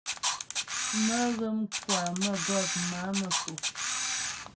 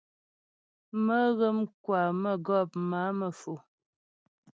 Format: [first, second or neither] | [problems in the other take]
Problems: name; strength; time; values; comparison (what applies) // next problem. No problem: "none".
second | background sound (Camera); 1 dB above the speech // room echo; dies away in 0.2 s